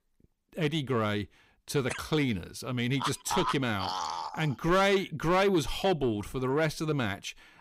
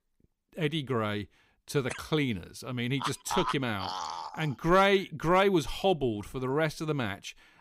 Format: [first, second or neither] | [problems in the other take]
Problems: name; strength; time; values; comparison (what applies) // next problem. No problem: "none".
second | distortion; slight; 10 dB below the speech